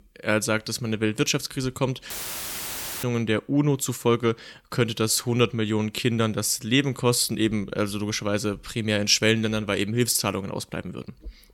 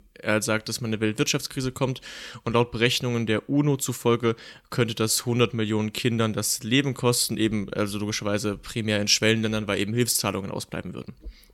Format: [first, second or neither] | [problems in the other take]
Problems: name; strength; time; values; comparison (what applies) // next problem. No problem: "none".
second | audio cutting out; filled with static; at 2 s for 1 s